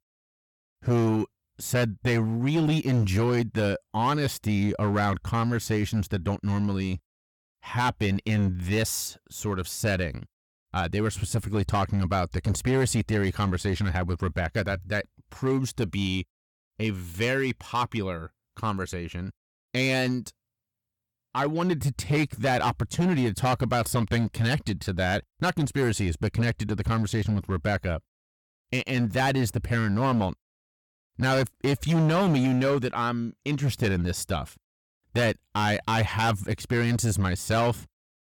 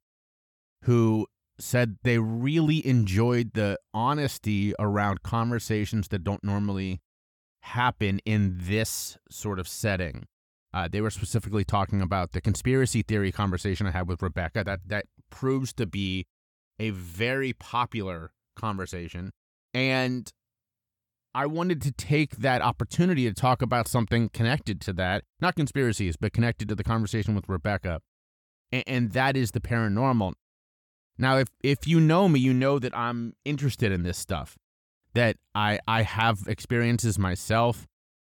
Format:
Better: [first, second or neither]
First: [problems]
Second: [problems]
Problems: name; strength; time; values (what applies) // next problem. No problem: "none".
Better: second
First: distortion; slight; 8% of the sound clipped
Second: none